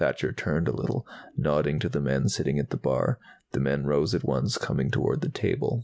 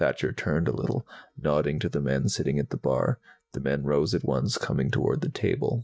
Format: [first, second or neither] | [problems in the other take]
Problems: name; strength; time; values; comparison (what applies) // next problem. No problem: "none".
first | noise reduction (neural mask model DeepFilterNet 3)